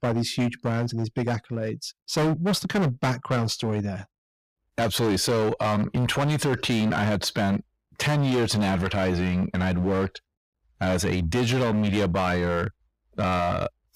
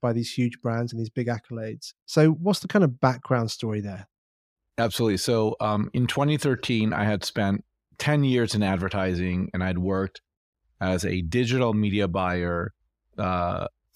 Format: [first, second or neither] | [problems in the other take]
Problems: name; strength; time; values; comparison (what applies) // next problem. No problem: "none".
second | distortion; heavy; 17% of the sound clipped